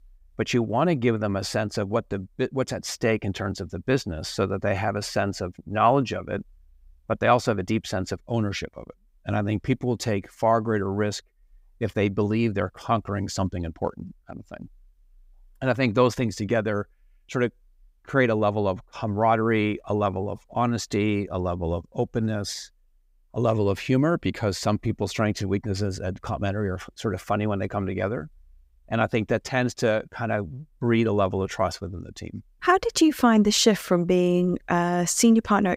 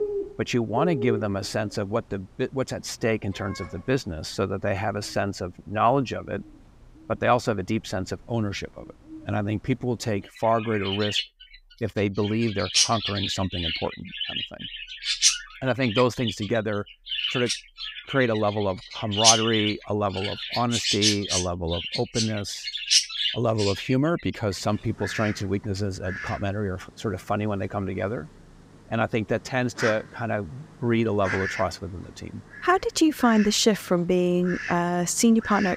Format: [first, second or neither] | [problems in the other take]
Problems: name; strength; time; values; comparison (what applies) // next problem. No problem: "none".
first | animal sounds; loud; throughout; 1 dB below the speech